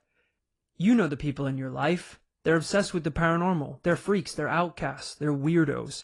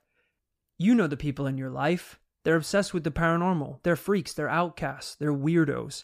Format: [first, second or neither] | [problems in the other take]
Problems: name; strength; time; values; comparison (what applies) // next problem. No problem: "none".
second | garbled, watery; slightly; nothing above 10.5 kHz